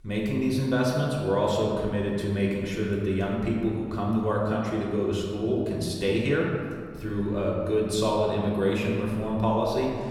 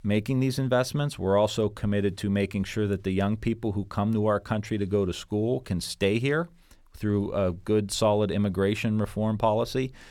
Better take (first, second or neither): second